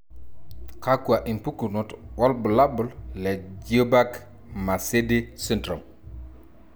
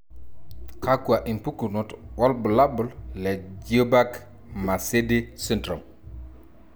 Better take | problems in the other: first | background sound (Bowed string instrument); 20 dB below the speech

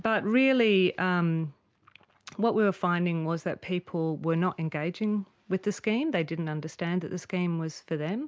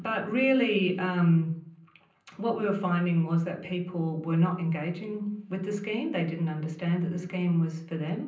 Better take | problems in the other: first | room echo; dies away in 0.6 s

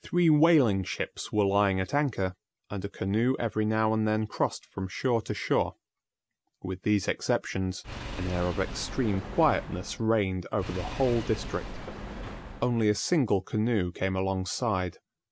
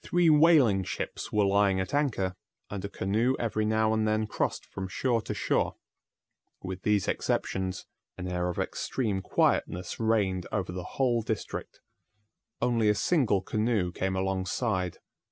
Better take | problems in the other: second | background sound (Engine / Car); 10 dB below the speech

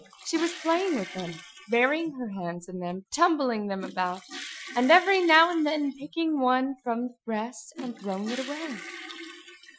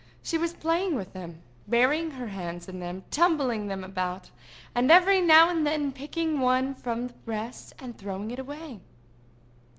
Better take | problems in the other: second | noise reduction (classical method Wiener filter)

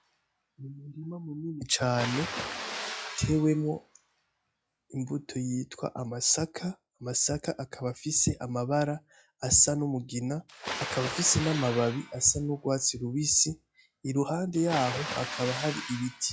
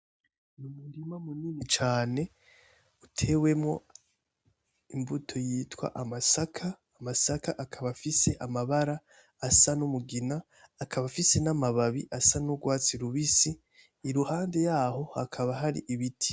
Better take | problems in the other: second | noise reduction (classical method log-MMSE)

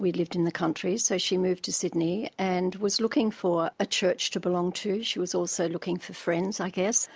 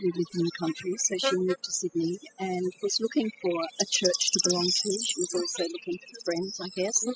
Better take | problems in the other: first | noise reduction (classical method spectral subtraction)

